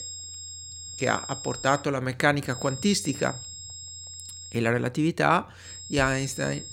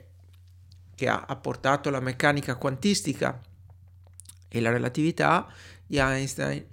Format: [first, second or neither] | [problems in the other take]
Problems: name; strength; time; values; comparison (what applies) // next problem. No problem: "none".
second | high-pitched whine; noticeable; until 2 s, from 2.5 to 4.5 s and from 5.5 s on; 7.5 kHz, 10 dB below the speech